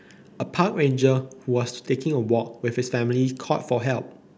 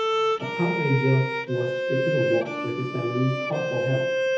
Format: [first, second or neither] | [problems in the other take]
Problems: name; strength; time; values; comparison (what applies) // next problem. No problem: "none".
first | background sound (Bowed string instrument); as loud as the speech // room echo; dies away in 0.7 s